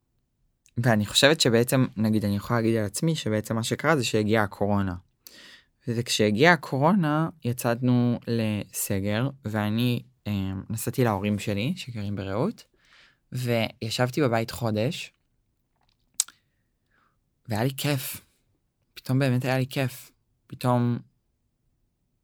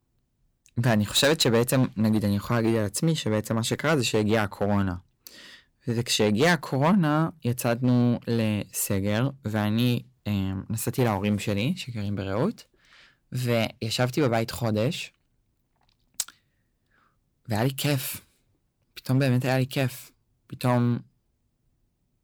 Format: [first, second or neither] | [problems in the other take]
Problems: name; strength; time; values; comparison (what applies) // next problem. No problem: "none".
first | distortion; slight; 3% of the sound clipped